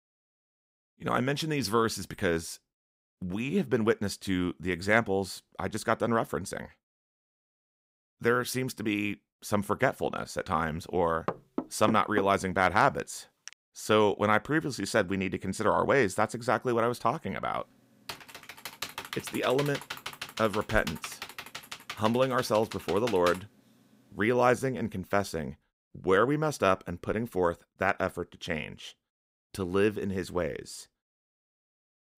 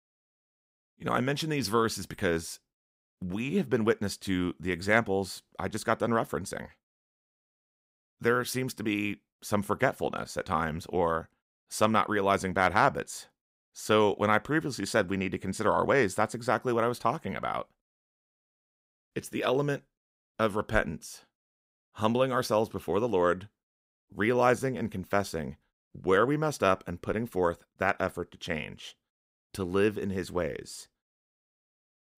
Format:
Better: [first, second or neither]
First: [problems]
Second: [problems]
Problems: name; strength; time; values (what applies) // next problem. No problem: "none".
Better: second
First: door banging; noticeable; from 11 to 13 s; peak 6 dB below the speech // keyboard typing; noticeable; from 18 to 23 s; peak 8 dB below the speech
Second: none